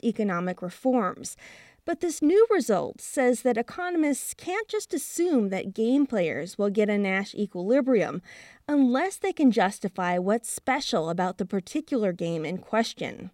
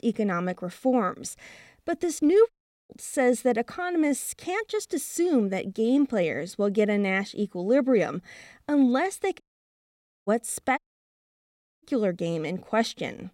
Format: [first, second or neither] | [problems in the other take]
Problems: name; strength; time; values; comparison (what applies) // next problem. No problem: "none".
first | audio cutting out; at 2.5 s, at 9.5 s for 1 s and at 11 s for 1 s